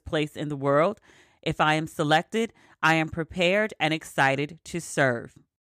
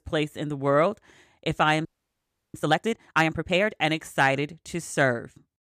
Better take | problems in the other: first | audio freezing; at 2 s for 0.5 s

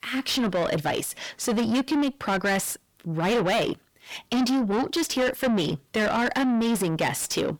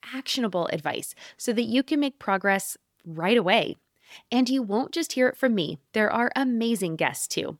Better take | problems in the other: second | distortion; heavy; 6 dB below the speech

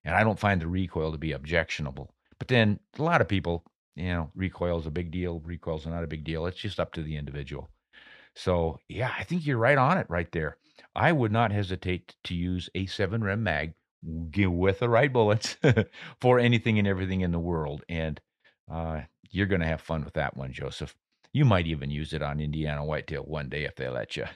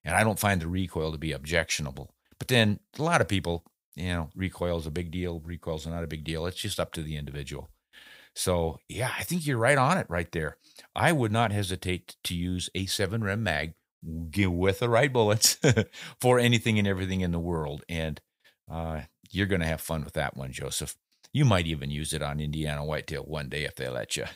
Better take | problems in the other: second | muffled; slightly; fading above 3 kHz

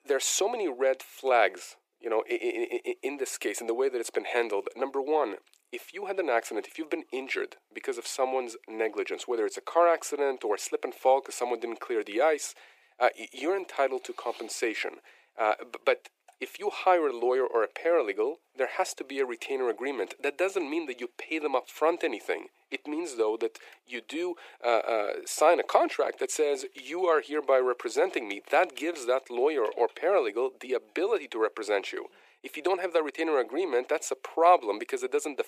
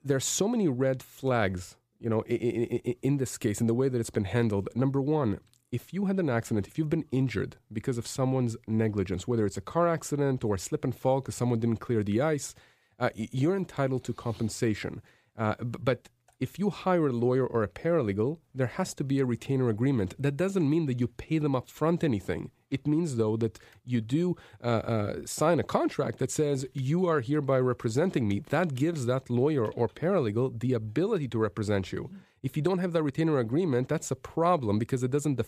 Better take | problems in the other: second | thin; very; fading below 350 Hz

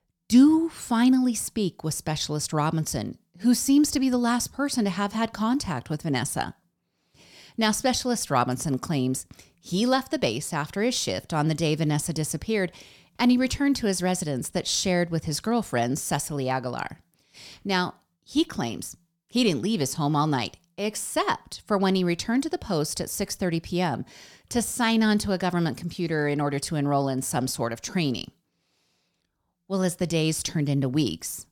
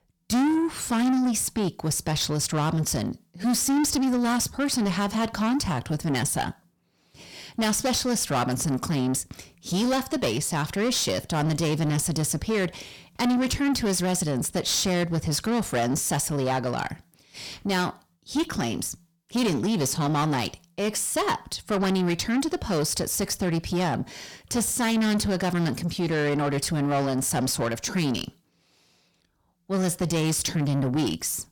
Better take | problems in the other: first | distortion; heavy; 7 dB below the speech

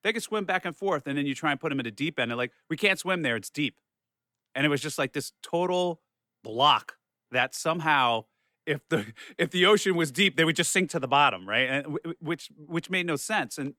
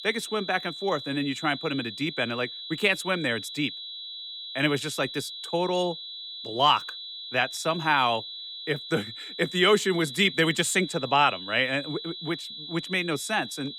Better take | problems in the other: first | high-pitched whine; loud; throughout; 4 kHz, 10 dB below the speech

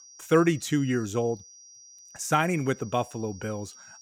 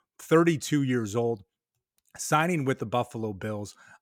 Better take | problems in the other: second | high-pitched whine; faint; throughout; 5.5 kHz, 20 dB below the speech

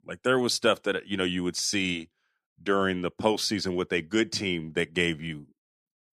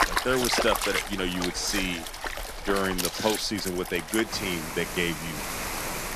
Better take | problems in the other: first | rain or running water; loud; throughout; 2 dB below the speech

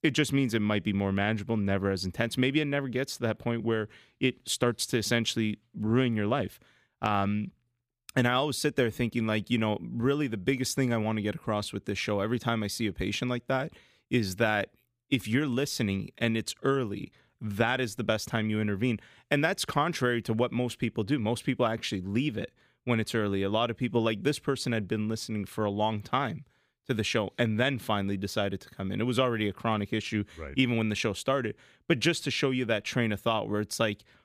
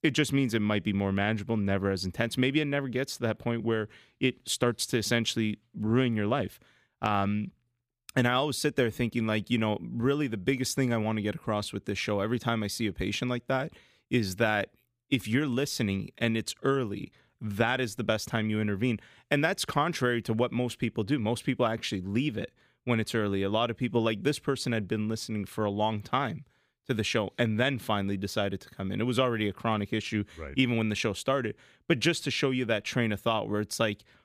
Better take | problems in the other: neither | none

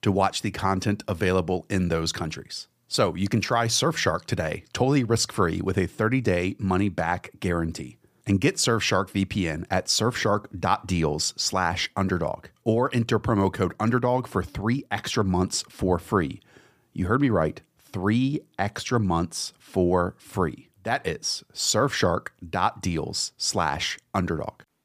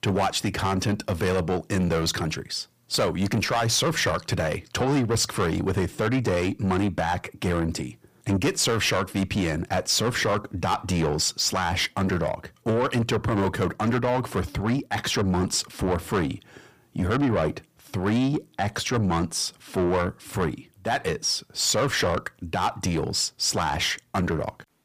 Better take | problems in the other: first | distortion; heavy; 8 dB below the speech

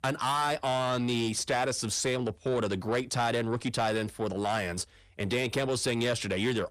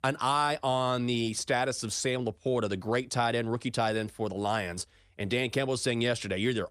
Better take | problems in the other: second | distortion; slight; 10 dB below the speech

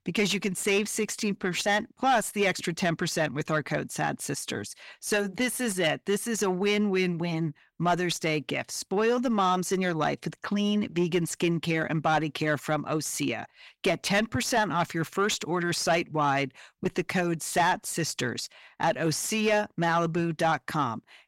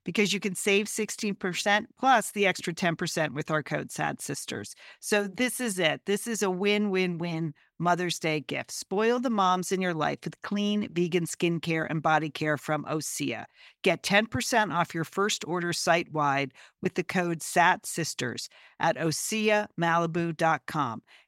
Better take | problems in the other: second | distortion; slight; 10 dB below the speech

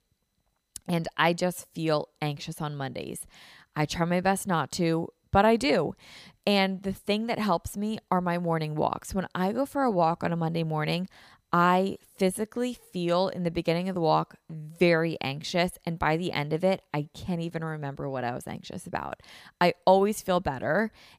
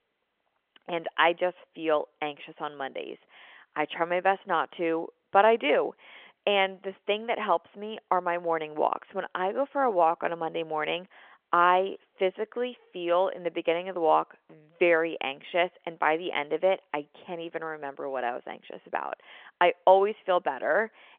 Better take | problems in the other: first | phone-call audio; nothing above 3.5 kHz

